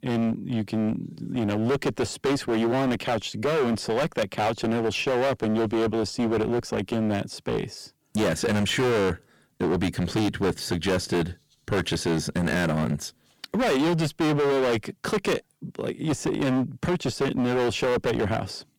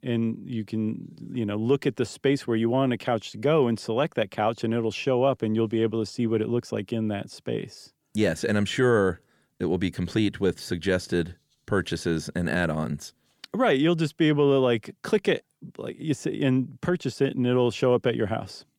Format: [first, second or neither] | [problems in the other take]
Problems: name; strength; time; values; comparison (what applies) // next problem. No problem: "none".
second | distortion; heavy; 21% of the sound clipped